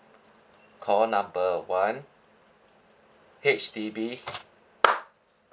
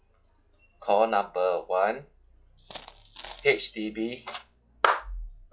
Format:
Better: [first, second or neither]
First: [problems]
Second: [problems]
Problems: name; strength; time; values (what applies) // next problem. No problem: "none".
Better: first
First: none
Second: noise reduction (classical method log-MMSE)